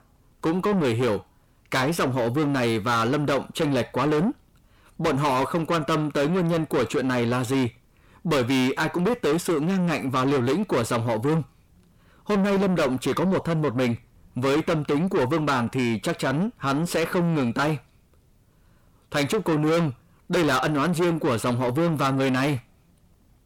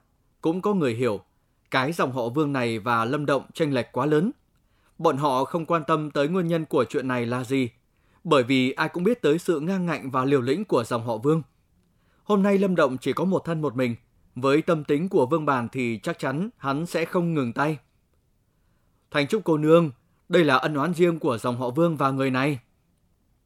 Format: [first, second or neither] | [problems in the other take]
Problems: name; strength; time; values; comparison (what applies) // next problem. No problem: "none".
second | distortion; heavy; 7 dB below the speech